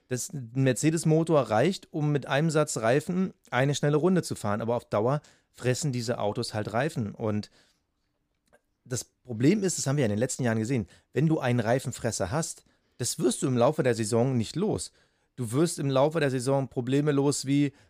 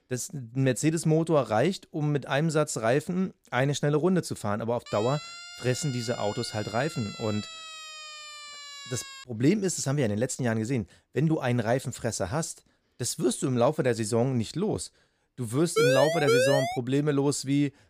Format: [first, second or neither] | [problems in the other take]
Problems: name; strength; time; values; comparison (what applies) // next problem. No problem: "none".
first | siren; faint; from 5 to 9 s; peak 10 dB below the speech // siren; loud; from 16 to 17 s; peak 4 dB above the speech